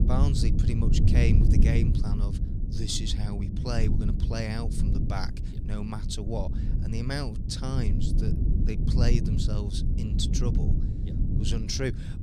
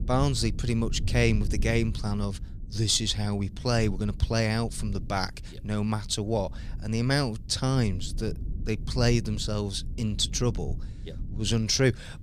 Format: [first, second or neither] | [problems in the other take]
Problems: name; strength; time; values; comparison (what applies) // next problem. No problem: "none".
second | low rumble; loud; throughout; 4 dB below the speech; faint in the second